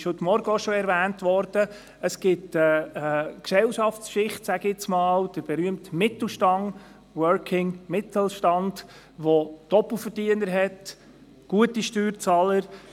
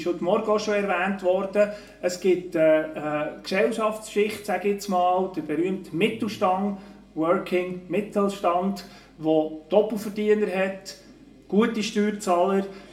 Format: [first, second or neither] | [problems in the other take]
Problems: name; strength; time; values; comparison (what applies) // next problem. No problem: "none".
first | room echo; dies away in 0.5 s